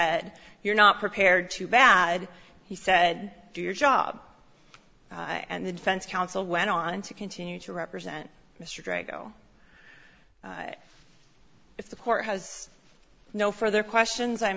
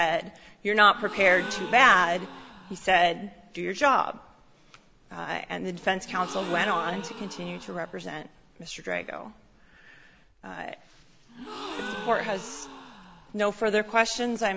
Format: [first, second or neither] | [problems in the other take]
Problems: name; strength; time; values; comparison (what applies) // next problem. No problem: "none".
first | background sound (Gasp); 14 dB below the speech